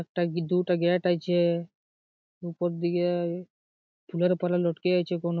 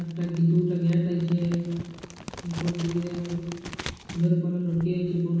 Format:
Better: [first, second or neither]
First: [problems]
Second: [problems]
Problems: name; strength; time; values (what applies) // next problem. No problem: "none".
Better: first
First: none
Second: background sound (Crumpling, crinkling); 15 dB below the speech // room echo; dies away in 1.2 s